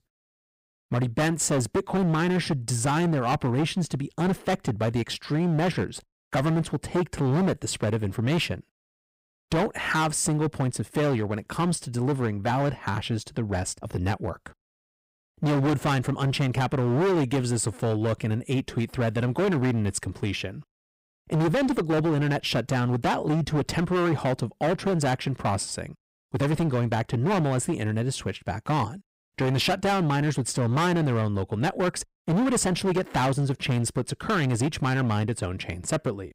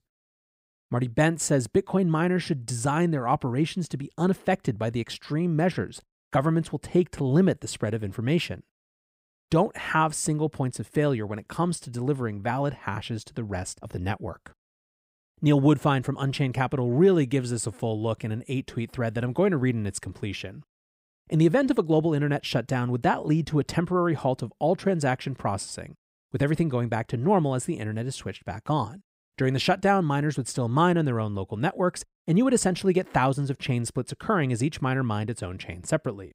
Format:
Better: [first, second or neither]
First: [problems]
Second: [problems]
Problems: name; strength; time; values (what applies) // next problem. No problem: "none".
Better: second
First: distortion; heavy; 17% of the sound clipped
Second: none